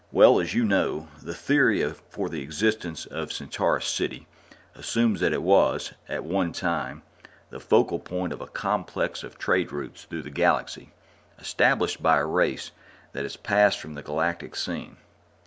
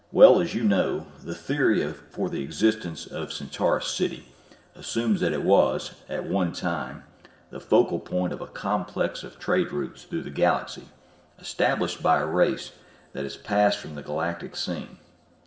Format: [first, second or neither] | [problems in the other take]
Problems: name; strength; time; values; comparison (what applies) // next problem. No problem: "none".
first | room echo; dies away in 1.6 s